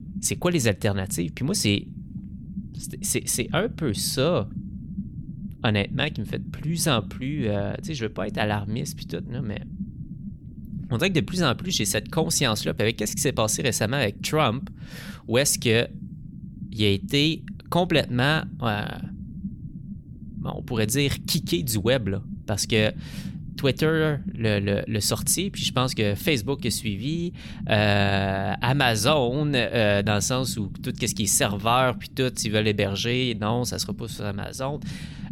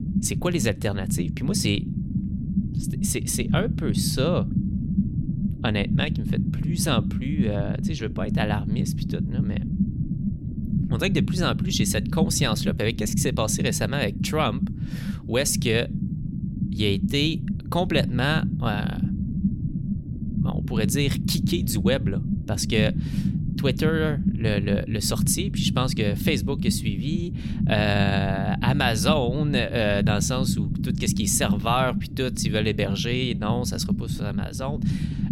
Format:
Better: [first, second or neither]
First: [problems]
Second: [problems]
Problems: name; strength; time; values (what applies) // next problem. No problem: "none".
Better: first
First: low rumble; faint; throughout; 20 dB below the speech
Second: low rumble; loud; throughout; 9 dB below the speech